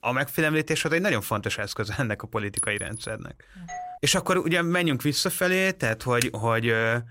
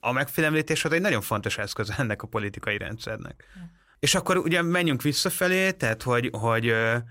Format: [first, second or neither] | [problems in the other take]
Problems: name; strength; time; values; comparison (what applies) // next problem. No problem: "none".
second | clattering dishes; noticeable; at 2.5 s; peak 4 dB below the speech // doorbell; faint; at 3.5 s; peak 10 dB below the speech // keyboard typing; very faint; at 6 s; peak 6 dB below the speech